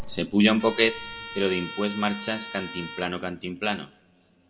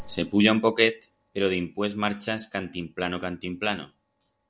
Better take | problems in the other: second | background sound (Trumpet); 12 dB below the speech // room echo; dies away in 2.4 s

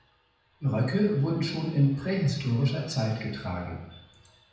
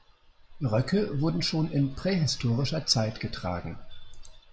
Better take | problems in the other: second | room echo; dies away in 0.8 s

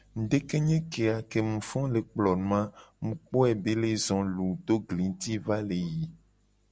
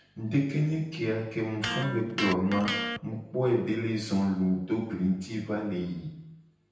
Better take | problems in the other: first | background sound (Electric guitar); 6 dB below the speech // room echo; dies away in 0.9 s

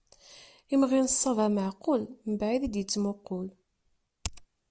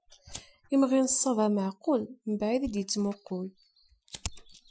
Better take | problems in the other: first | noise reduction (classical method Wiener filter)

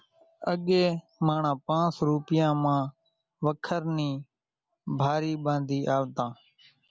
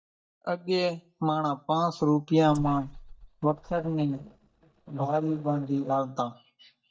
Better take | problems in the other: first | noise reduction (neural mask model DeepFilterNet 3)

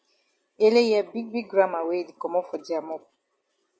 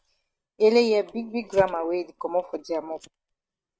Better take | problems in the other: first | noise reduction (neural mask model RNNoise)

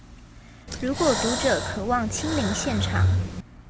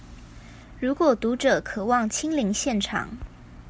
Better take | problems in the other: second | background sound (Breathing); 1 dB above the speech

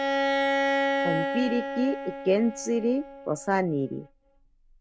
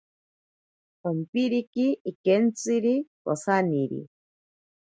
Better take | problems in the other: second | background sound (Bowed string instrument); 1 dB below the speech

